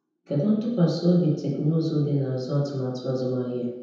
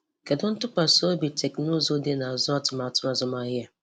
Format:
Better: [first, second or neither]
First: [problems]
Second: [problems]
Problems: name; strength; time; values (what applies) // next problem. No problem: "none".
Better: second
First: room echo; dies away in 0.9 s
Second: none